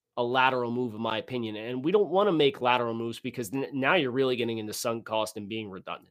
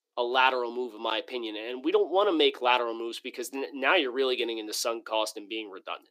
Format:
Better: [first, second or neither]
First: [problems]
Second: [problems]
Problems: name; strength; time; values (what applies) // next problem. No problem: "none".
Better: first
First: none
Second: thin; somewhat; fading below 300 Hz